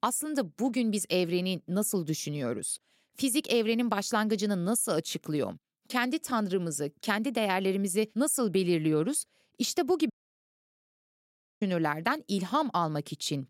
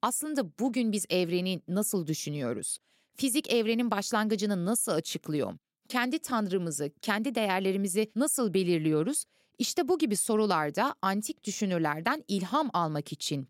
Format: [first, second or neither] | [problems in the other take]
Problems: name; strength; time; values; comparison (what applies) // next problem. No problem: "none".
second | audio cutting out; at 10 s for 1.5 s